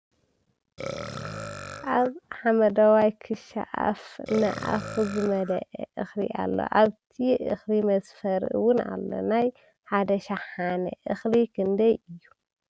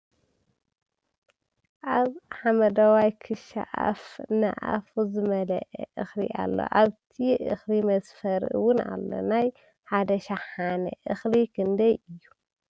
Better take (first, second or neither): second